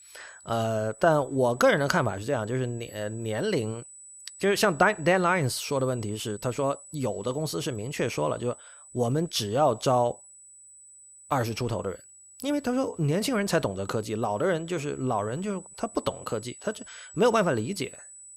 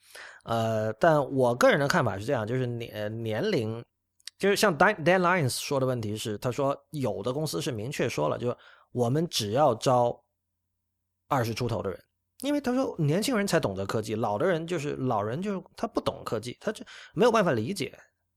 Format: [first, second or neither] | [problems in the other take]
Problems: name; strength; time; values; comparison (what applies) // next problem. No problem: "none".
second | high-pitched whine; noticeable; throughout; 8 kHz, 20 dB below the speech